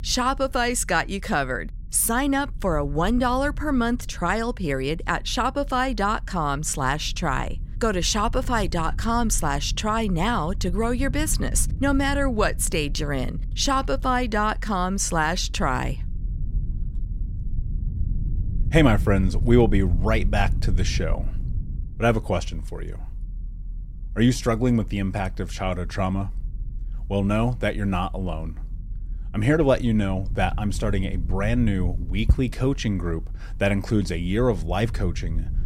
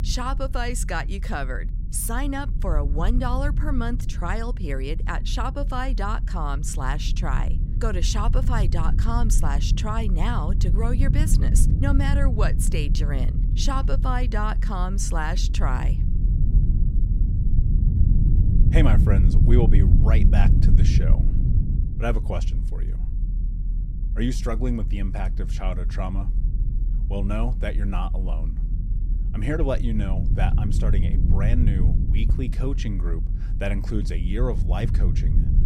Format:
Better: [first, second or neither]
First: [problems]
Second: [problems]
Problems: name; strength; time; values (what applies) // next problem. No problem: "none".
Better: first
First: low rumble; faint; throughout; 25 dB below the speech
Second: low rumble; loud; throughout; 8 dB below the speech